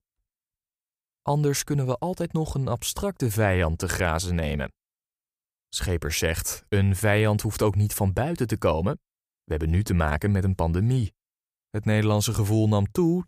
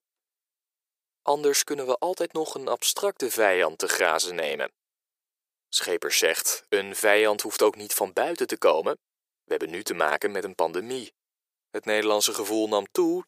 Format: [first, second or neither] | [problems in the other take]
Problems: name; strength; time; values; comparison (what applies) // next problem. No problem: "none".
first | thin; very; fading below 400 Hz